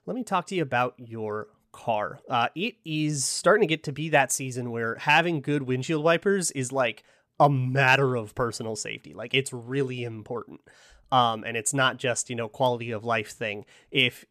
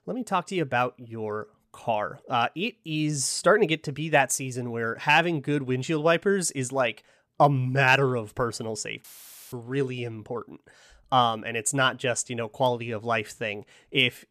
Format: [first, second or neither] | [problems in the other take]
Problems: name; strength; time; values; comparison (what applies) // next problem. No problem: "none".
first | audio cutting out; filled with static; at 9 s